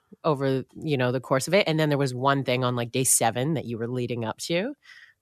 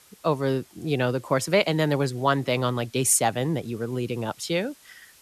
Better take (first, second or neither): first